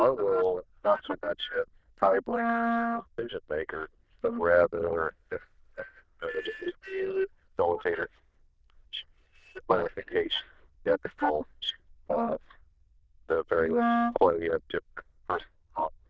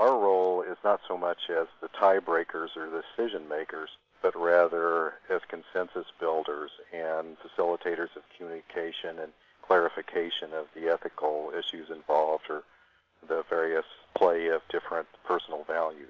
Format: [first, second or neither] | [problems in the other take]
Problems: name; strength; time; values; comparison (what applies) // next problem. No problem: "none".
second | noise reduction (neural diffusion model UNIVERSE++)